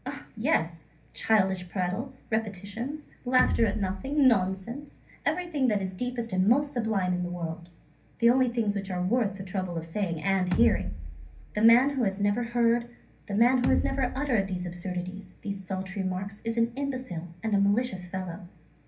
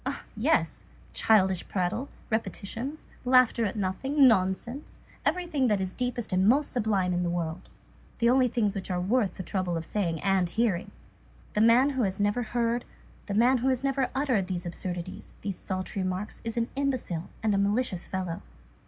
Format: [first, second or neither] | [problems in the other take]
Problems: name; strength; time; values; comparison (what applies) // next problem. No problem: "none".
second | background sound (Bass drum); 5 dB below the speech // room echo; dies away in 0.3 s